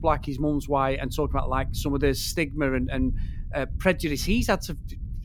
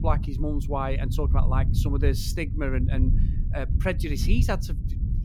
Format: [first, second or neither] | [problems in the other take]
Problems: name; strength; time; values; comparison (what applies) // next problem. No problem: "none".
first | low rumble; loud; throughout; 10 dB below the speech; faint in the first